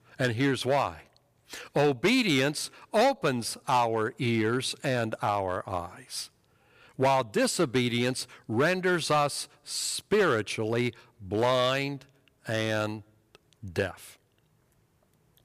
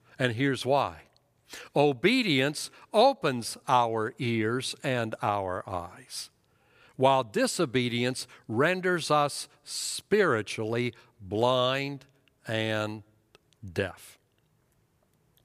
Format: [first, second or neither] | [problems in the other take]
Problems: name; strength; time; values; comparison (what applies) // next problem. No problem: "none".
second | distortion; slight; 3% of the sound clipped